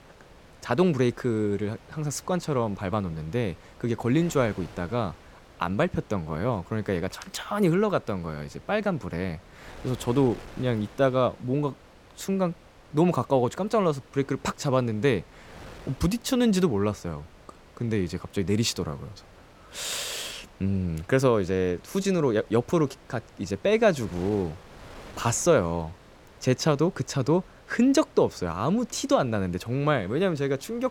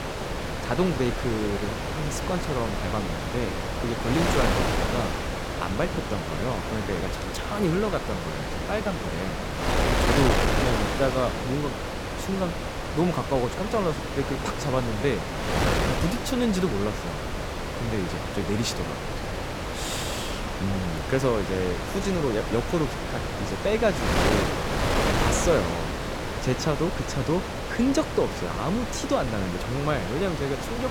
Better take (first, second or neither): first